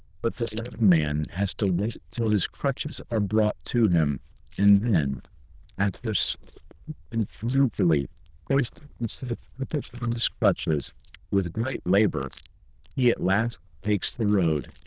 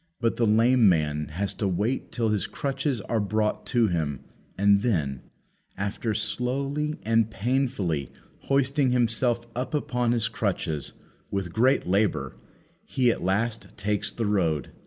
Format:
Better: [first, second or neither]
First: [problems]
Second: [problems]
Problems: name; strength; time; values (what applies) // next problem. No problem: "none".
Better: second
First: noise reduction (neural diffusion model UNIVERSE++)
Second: none